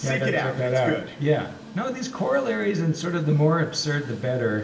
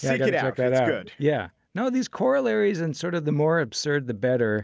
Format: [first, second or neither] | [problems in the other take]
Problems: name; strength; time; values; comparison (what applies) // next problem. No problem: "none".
second | background sound (Train); 19 dB below the speech // room echo; dies away in 0.8 s